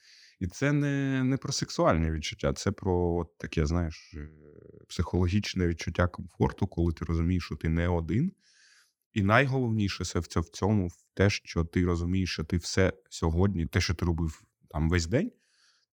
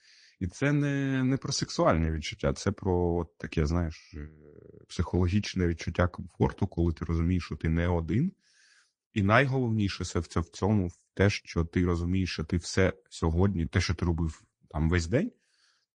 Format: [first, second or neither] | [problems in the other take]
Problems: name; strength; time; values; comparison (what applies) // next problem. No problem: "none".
first | garbled, watery; slightly; nothing above 8.5 kHz